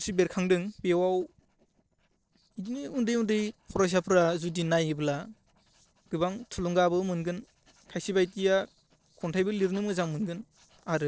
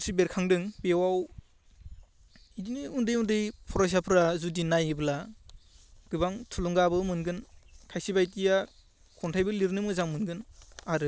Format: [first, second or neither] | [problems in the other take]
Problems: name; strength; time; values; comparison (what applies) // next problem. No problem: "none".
second | noise reduction (neural separator model SepFormer DNS4)